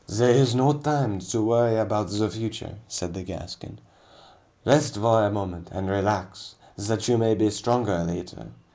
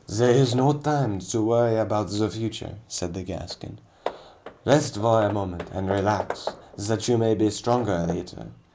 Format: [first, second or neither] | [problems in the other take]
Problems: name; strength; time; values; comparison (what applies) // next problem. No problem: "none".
first | background sound (Hammer / Wood); 16 dB below the speech